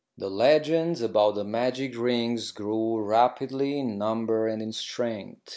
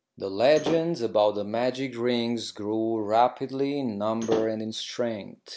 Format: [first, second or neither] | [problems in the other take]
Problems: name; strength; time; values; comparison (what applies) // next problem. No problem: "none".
first | background sound (Slam / Wood); 8 dB below the speech